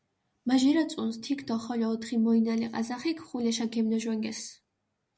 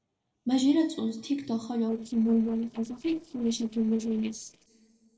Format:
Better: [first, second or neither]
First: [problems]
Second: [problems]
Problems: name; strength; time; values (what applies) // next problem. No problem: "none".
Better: first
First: none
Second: noise reduction (neural separator model SepFormer DNS4)